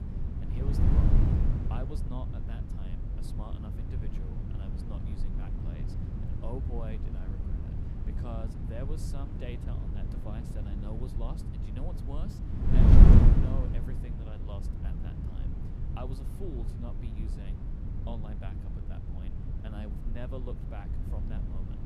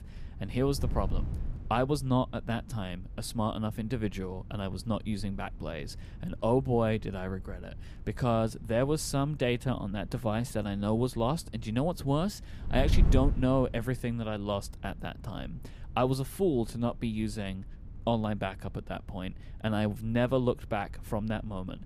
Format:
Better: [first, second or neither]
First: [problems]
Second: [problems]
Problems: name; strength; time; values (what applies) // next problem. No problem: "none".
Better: second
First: wind noise on the microphone; heavy; 5 dB above the speech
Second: wind noise on the microphone; occasional gusts; 20 dB below the speech